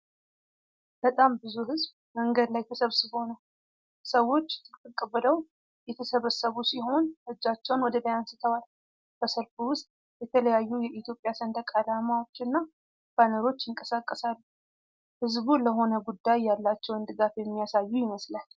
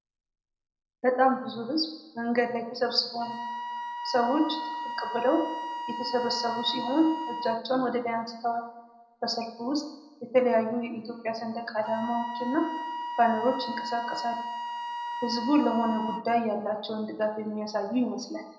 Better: first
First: none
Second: background sound (Wind instrument, woodwind instrument); 9 dB below the speech // room echo; dies away in 0.7 s

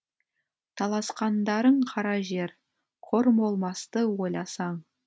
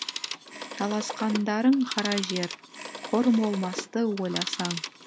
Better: first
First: none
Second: background sound (Telephone); 9 dB below the speech

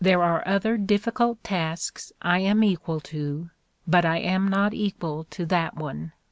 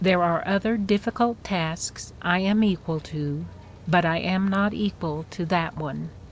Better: first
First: none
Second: background sound (Rain); 19 dB below the speech

